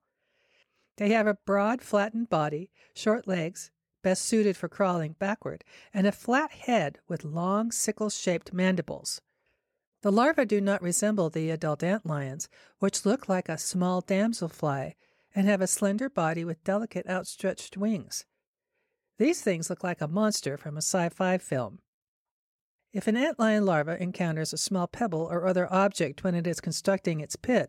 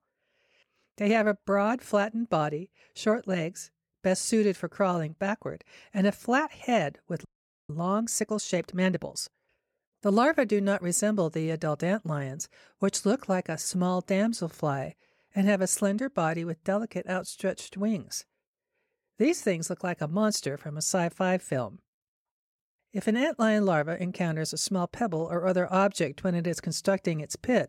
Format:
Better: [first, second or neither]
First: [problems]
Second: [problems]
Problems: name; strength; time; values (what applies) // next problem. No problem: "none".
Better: first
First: none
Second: audio freezing; at 7.5 s